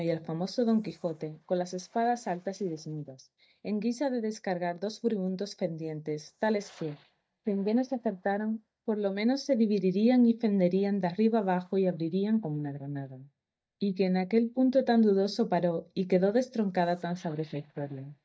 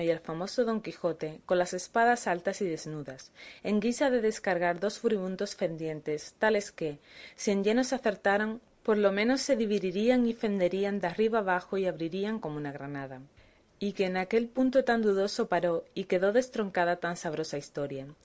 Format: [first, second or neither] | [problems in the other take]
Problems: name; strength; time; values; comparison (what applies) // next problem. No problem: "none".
second | noise reduction (neural mask model DeepFilterNet 3)